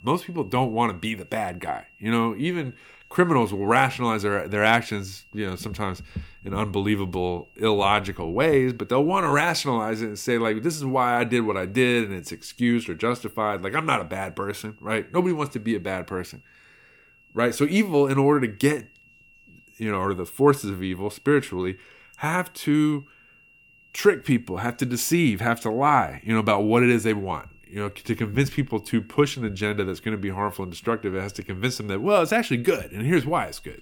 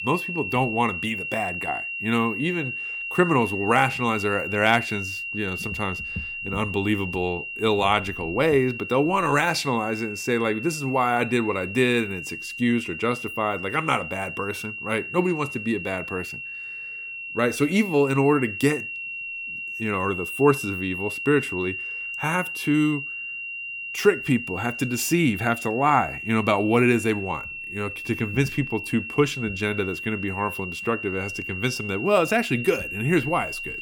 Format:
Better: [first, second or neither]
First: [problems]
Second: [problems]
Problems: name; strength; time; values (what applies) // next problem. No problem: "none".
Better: first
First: high-pitched whine; faint; throughout; 3 kHz, 30 dB below the speech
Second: high-pitched whine; loud; throughout; 3 kHz, 6 dB below the speech